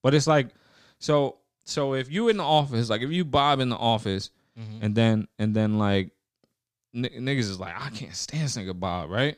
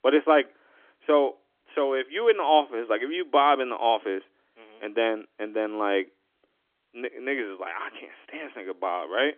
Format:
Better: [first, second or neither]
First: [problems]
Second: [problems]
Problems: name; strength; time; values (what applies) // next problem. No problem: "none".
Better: first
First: none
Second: phone-call audio; nothing above 3.5 kHz